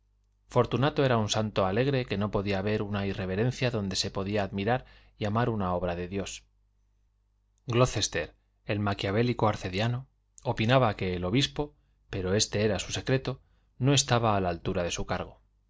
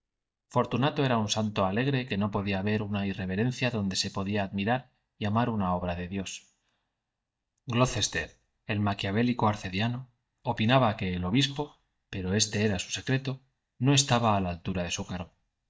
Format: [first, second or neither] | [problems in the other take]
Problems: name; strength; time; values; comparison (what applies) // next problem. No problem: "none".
first | noise reduction (neural mask model DeepFilterNet 3)